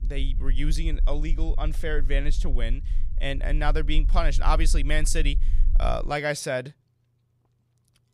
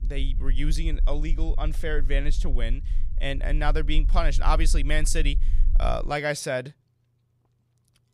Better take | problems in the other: neither | low rumble; faint; until 6 s; 20 dB below the speech; the same in both

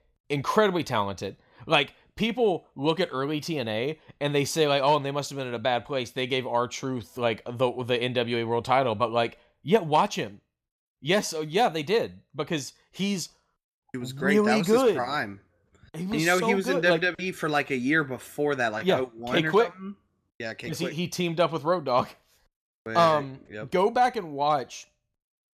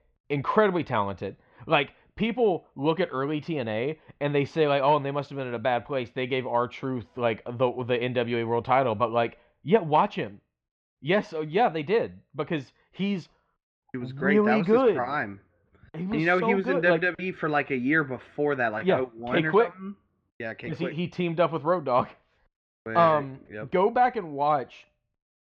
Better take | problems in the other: first | muffled; very; fading above 2.5 kHz

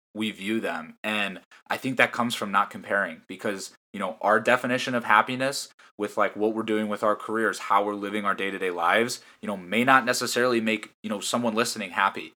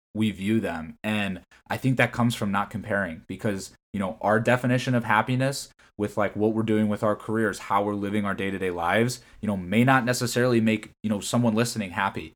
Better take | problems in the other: second | thin; somewhat; fading below 300 Hz

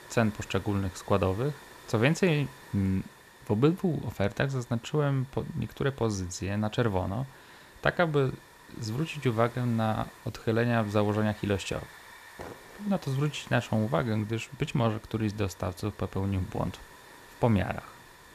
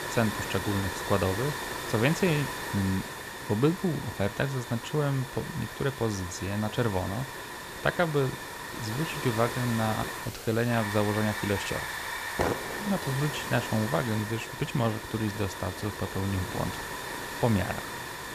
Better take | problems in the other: first | hiss; loud; throughout; 5 dB below the speech; faint in the first

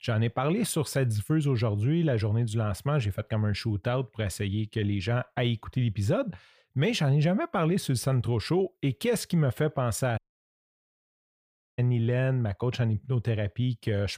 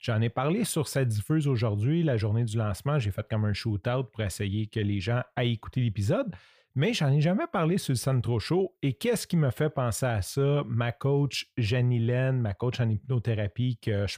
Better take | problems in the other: second | audio cutting out; at 10 s for 1.5 s

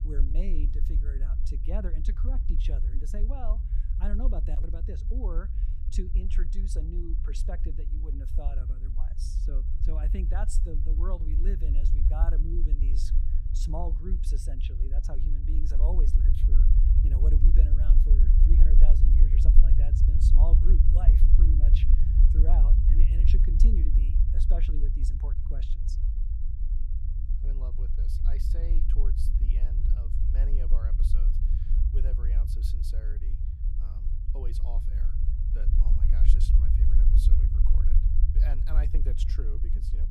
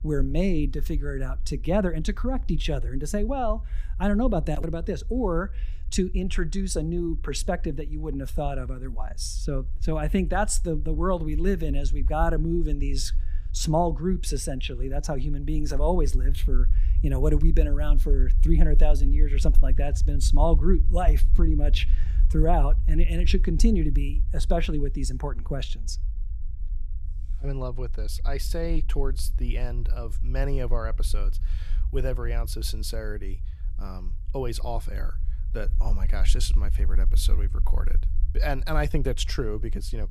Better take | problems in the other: second | low rumble; loud; throughout; 1 dB below the speech; faint in the second

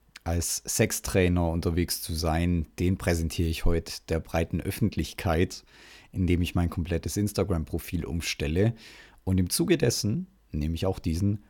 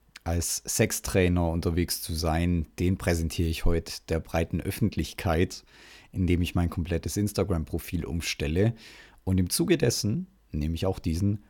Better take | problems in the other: neither | none

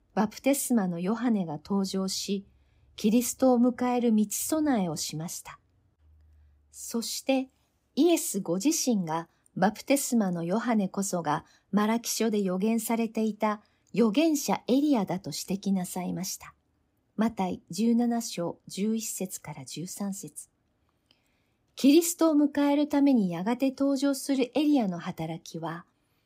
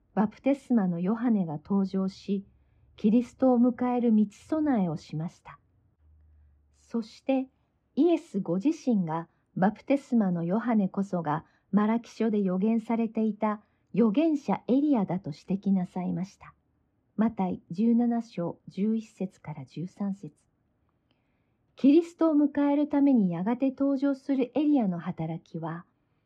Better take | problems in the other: first | muffled; very; fading above 2 kHz

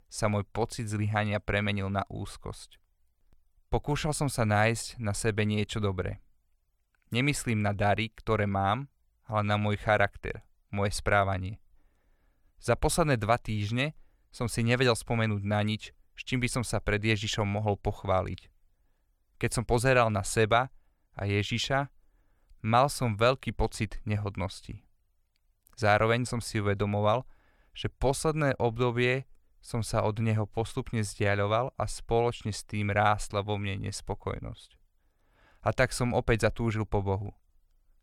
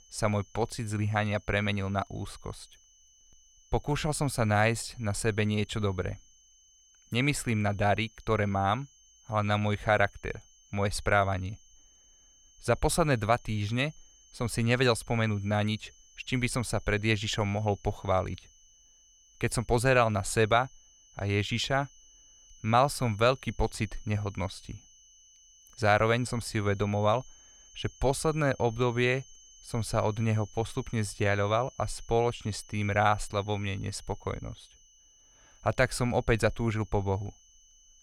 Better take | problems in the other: first | high-pitched whine; faint; throughout; 6 kHz, 25 dB below the speech

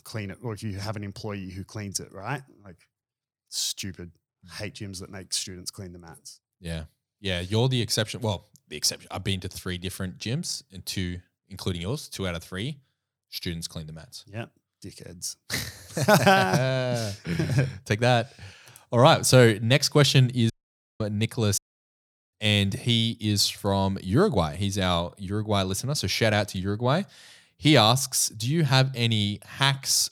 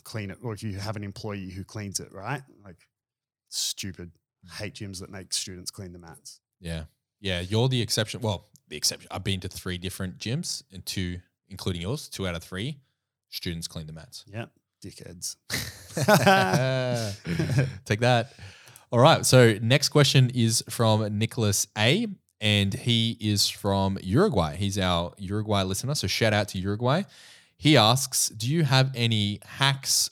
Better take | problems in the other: second | audio cutting out; at 21 s for 0.5 s and at 22 s for 1 s

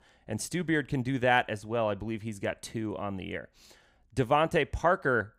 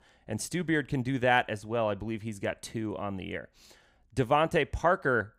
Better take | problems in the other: neither | none

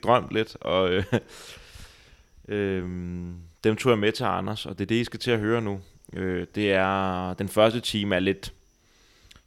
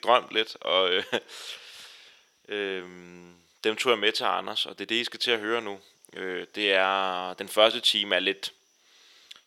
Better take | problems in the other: first | thin; somewhat; fading below 450 Hz

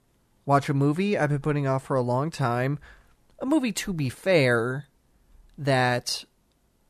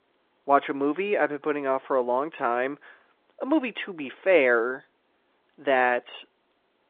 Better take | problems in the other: first | phone-call audio

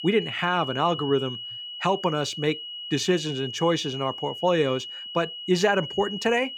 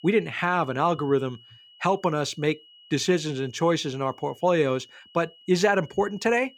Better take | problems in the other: second | high-pitched whine; loud; throughout; 3 kHz, 8 dB below the speech; faint in the second

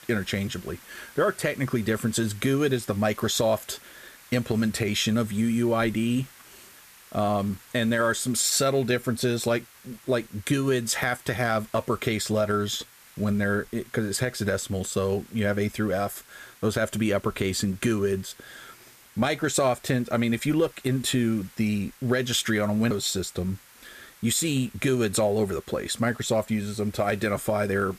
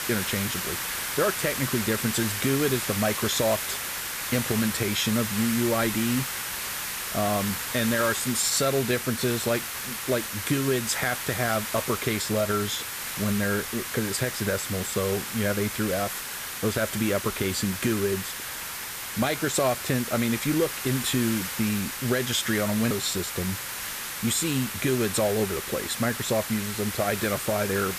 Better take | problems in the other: first | hiss; loud; throughout; 4 dB below the speech; faint in the first

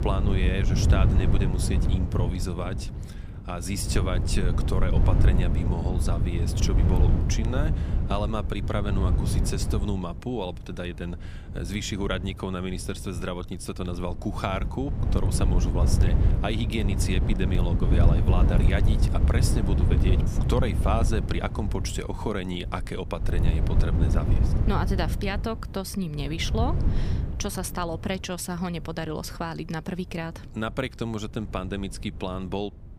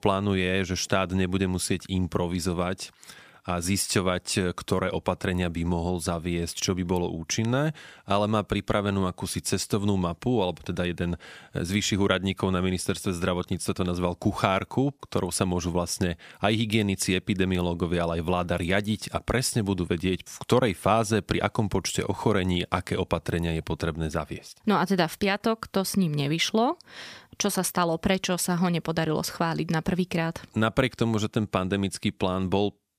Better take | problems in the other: second | wind noise on the microphone; heavy; 5 dB below the speech

